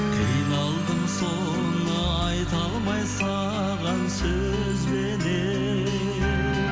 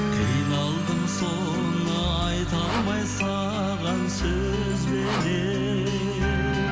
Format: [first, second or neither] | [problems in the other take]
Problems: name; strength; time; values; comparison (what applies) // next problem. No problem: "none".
first | background sound (Sawing); 13 dB below the speech